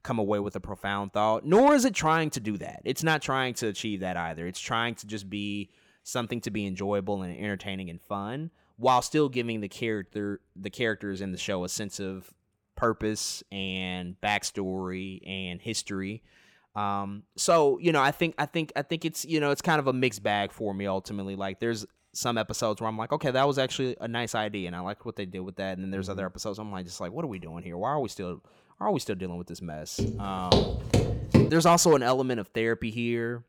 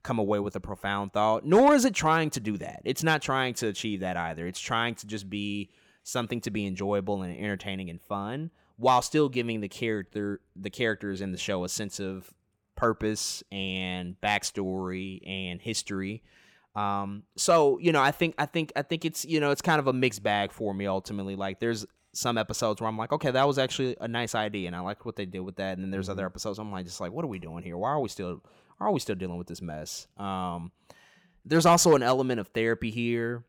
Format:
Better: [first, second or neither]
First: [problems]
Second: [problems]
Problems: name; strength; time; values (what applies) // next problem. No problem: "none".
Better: second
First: footsteps; loud; from 30 to 32 s; peak 6 dB above the speech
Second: none